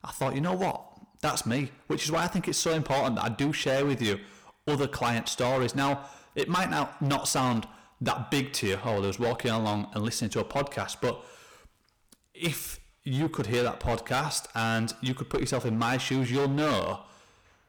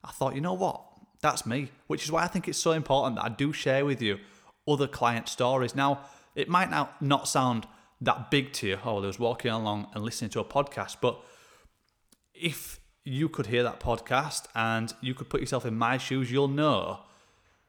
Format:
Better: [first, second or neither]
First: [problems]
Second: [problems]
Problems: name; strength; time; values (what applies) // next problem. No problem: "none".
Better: second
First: distortion; heavy; 14% of the sound clipped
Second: none